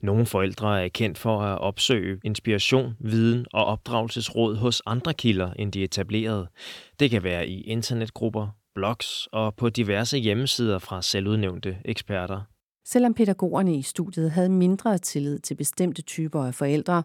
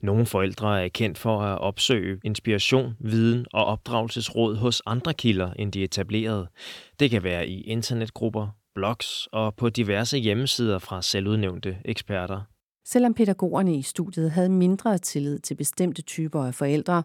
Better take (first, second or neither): neither